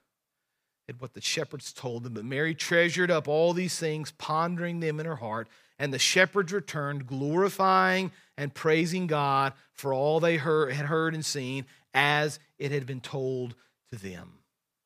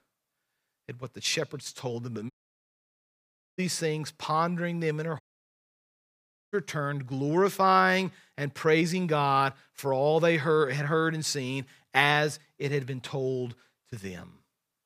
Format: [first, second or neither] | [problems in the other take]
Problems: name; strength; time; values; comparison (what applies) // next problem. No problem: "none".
first | audio cutting out; at 2.5 s for 1.5 s and at 5 s for 1.5 s